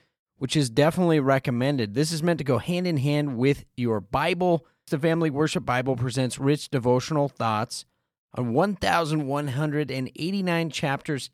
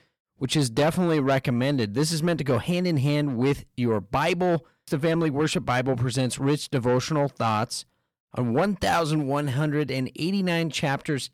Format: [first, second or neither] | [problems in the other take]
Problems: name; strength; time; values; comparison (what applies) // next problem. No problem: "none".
first | distortion; slight; 10 dB below the speech